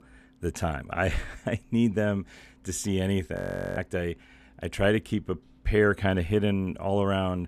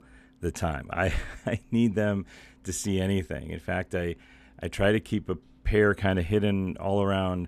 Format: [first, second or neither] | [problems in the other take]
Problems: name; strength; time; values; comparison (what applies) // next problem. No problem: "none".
second | audio freezing; at 3.5 s